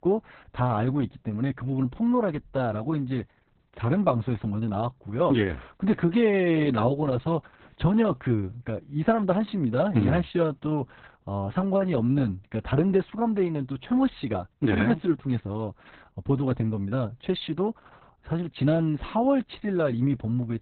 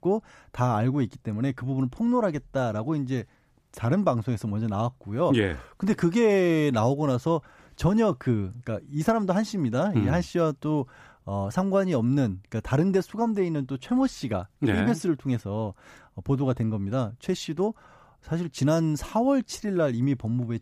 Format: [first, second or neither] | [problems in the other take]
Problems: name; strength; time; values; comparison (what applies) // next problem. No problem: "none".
second | garbled, watery; badly; nothing above 4 kHz